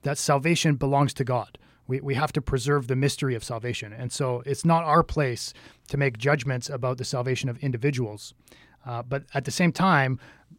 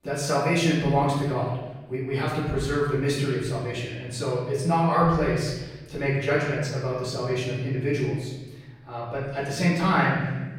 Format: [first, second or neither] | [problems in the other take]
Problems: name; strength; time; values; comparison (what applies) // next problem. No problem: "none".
first | off-mic speech; far // room echo; noticeable; dies away in 1.1 s